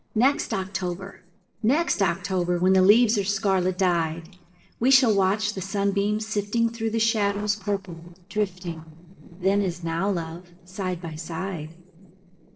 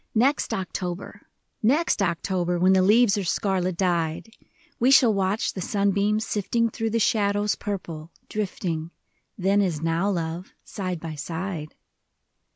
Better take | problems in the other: second | noise reduction (neural separator model SepFormer DNS4)

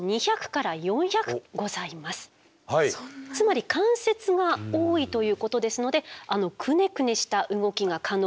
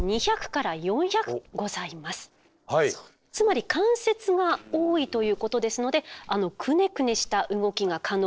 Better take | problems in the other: first | noise reduction (neural separator model SepFormer DNS4)

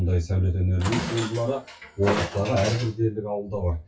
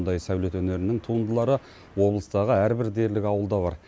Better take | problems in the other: second | noise reduction (classical method WPE with log-MMSE)

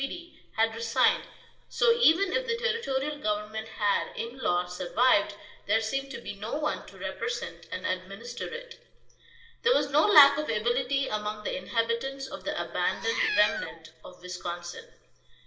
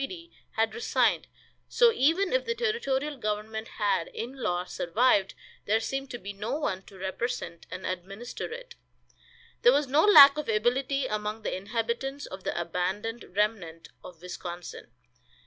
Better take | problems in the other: second | background sound (Meow); 5 dB below the speech // room echo; dies away in 0.8 s

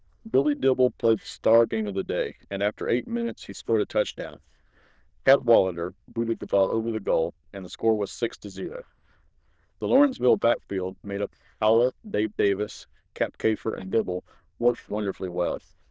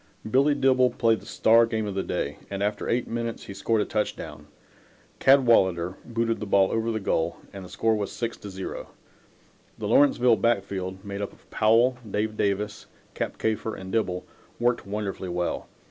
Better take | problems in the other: second | noise reduction (neural diffusion model UNIVERSE++)

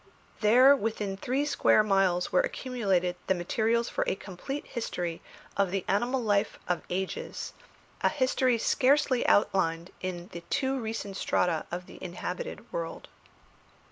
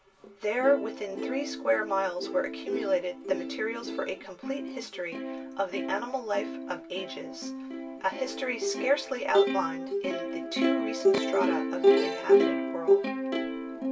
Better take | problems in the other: first | background sound (Plucked string instrument); 3 dB above the speech // room echo; dies away in 0.1 s

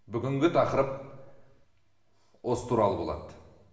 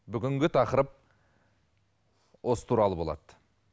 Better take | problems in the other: second | room echo; dies away in 1.1 s

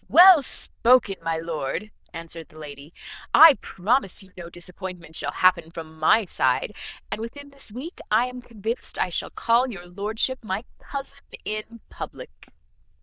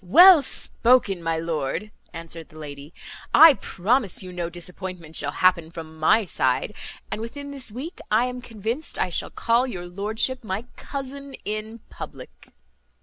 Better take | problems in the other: second | noise reduction (neural diffusion model UNIVERSE++)

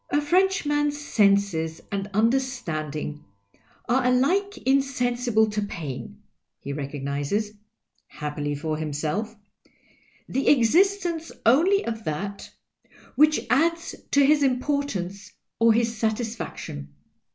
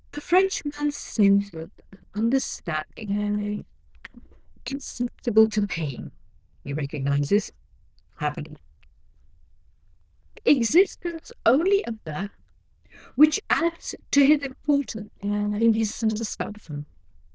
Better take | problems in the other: first | noise reduction (neural diffusion model UNIVERSE++)

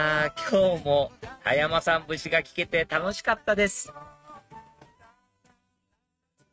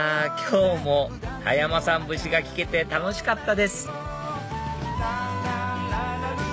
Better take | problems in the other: second | noise reduction (neural mask model RNNoise)

